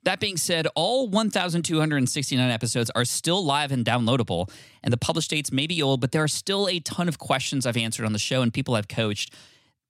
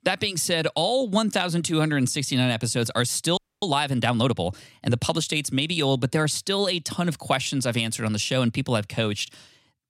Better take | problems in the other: first | audio freezing; at 3.5 s

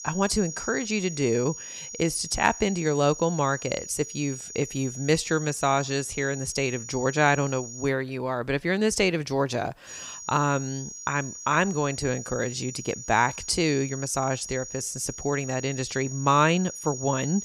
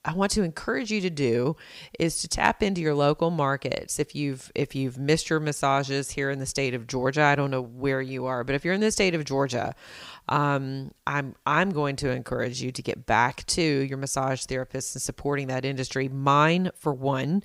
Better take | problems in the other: second | high-pitched whine; noticeable; until 8 s and from 10 s on; 7 kHz, 10 dB below the speech

